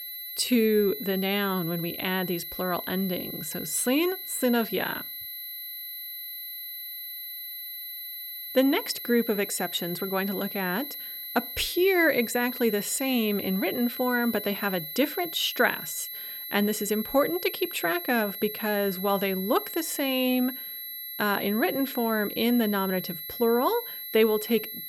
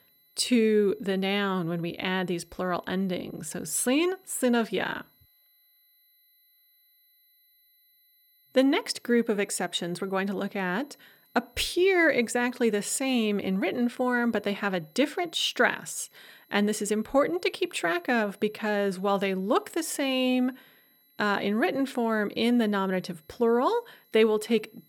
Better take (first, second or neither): second